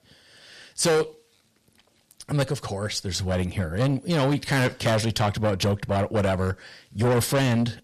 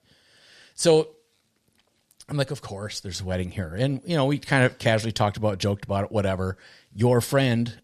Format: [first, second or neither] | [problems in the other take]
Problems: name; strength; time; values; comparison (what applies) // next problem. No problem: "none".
second | distortion; heavy; 7 dB below the speech